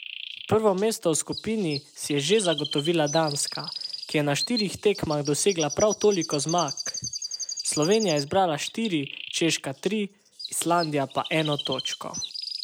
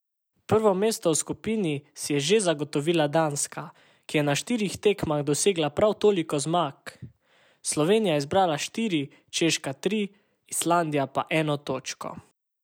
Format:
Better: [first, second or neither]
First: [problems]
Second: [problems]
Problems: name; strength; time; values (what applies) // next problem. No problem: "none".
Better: second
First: background sound (Chirp, tweet); 10 dB below the speech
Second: none